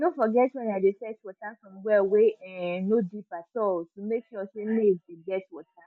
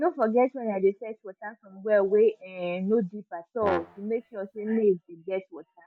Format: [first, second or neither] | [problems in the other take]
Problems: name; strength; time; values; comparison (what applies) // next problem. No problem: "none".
first | background sound (Brass instrument); 10 dB below the speech